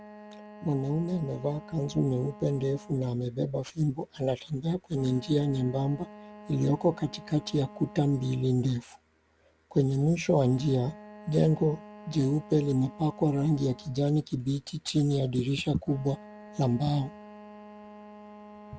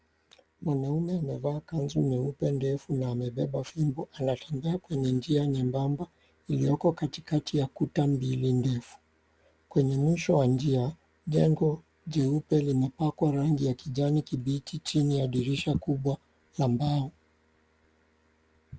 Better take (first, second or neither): second